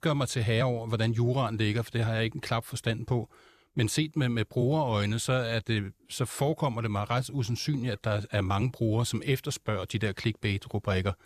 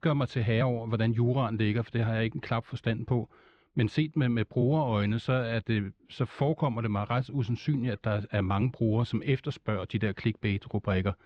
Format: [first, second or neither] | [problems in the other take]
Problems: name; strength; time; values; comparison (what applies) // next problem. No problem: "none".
first | muffled; slightly; fading above 3 kHz